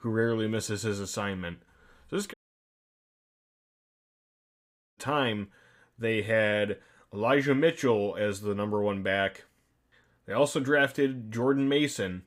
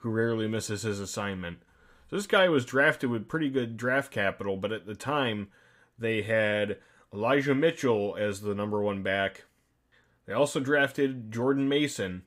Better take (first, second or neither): second